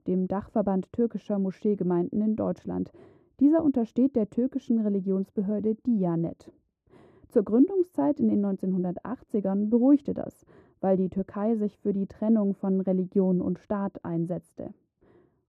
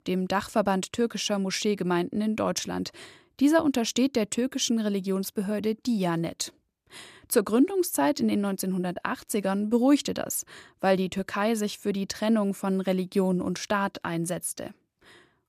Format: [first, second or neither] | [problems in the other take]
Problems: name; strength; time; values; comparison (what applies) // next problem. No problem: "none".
second | muffled; very; fading above 1.5 kHz